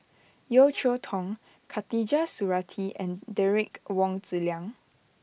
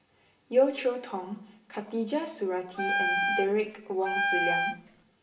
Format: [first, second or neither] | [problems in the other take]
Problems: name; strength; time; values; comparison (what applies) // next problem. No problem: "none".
first | background sound (Wind instrument, woodwind instrument); 1 dB above the speech // room echo; dies away in 0.7 s